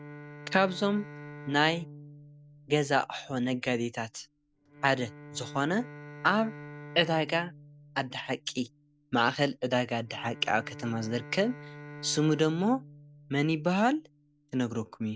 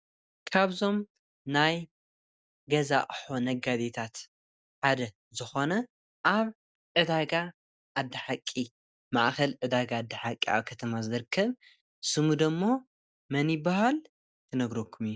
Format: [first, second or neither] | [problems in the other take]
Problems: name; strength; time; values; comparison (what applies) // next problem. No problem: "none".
second | background sound (Bowed string instrument); 17 dB below the speech